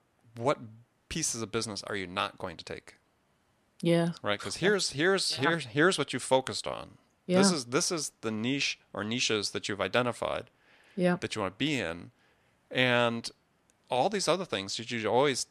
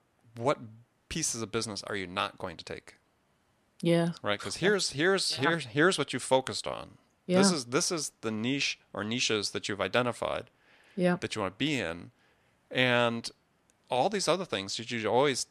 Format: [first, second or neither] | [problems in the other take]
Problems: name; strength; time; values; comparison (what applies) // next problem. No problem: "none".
neither | none